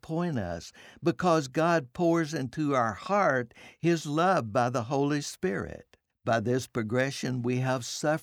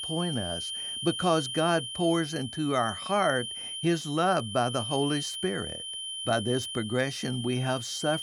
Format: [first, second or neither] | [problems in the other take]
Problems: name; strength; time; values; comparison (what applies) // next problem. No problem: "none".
first | high-pitched whine; loud; throughout; 3 kHz, 6 dB below the speech